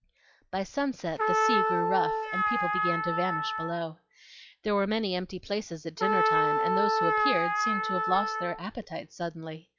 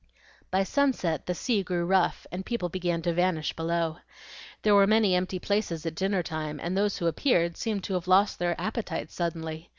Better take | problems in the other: second | noise reduction (classical method log-MMSE)

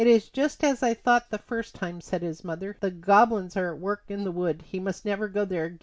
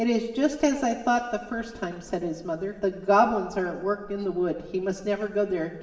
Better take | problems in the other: first | room echo; dies away in 2.6 s

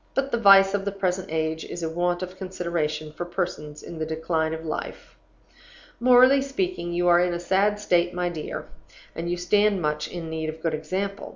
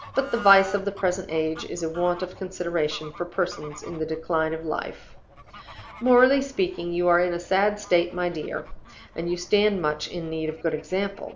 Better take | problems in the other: first | background sound (Bird / Fowl); 19 dB below the speech

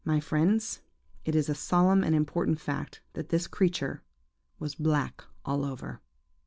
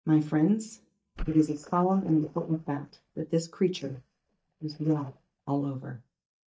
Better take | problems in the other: first | noise reduction (neural mask model DeepFilterNet 3)

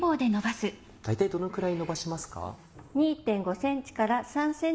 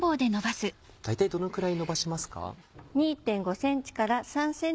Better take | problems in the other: second | room echo; dies away in 2.5 s

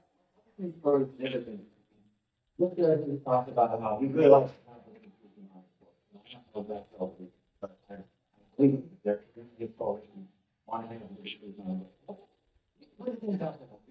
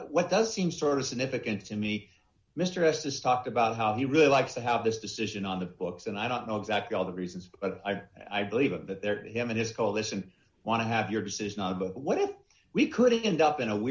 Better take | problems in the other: second | noise reduction (neural mask model DeepFilterNet 3)

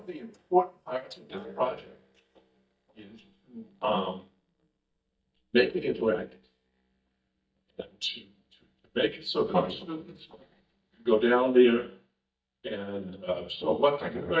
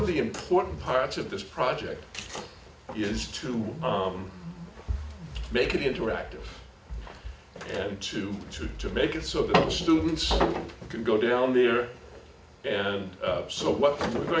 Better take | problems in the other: second | noise reduction (neural mask model DeepFilterNet 3)

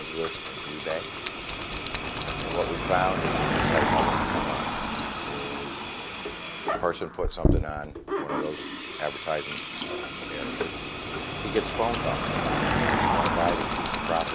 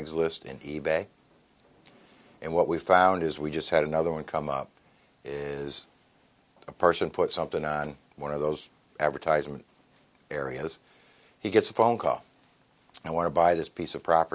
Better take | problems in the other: second | background sound (Sink (filling or washing) + Car passing by / Engine); 4 dB above the speech

